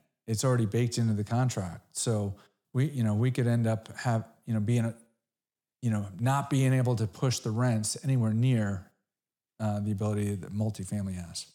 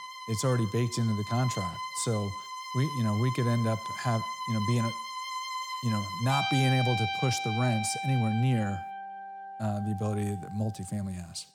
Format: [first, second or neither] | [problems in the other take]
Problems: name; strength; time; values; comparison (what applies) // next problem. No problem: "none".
first | background music; loud; throughout; 5 dB below the speech